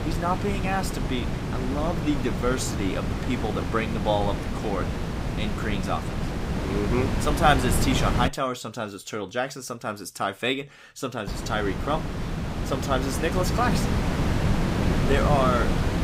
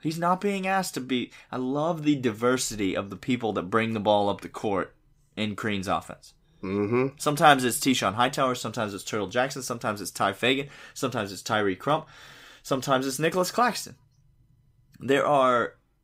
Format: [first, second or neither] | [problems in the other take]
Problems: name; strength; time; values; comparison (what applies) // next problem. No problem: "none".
second | wind noise on the microphone; heavy; until 8.5 s and from 11 s on; 5 dB below the speech